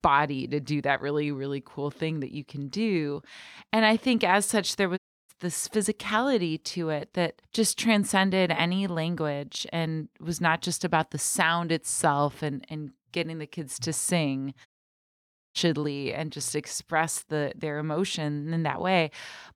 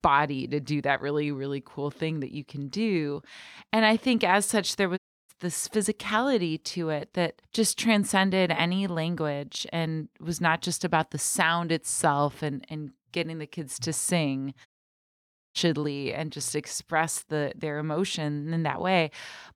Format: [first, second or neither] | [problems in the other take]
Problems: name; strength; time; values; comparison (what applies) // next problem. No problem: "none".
neither | audio cutting out; at 5 s and at 15 s for 1 s; the same in both